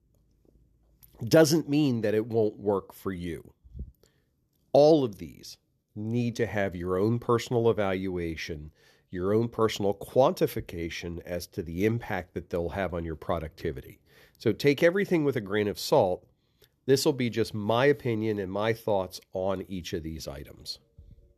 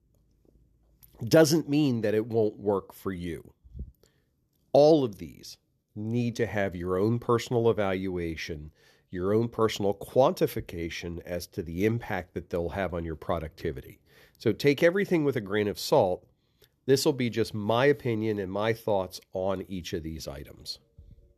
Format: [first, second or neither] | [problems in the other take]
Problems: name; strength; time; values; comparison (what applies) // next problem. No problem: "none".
neither | none